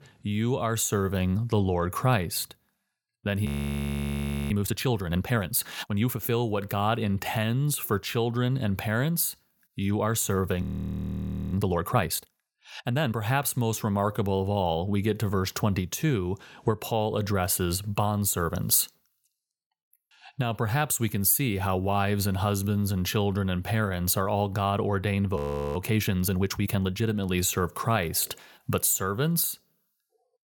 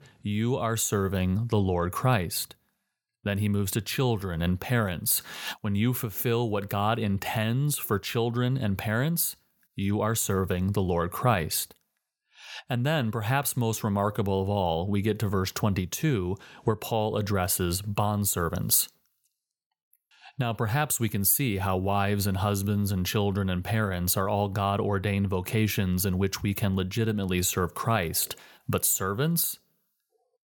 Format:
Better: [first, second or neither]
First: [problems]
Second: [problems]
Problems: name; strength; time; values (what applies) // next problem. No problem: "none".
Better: second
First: audio freezing; at 3.5 s for 1 s, at 11 s for 1 s and at 25 s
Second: none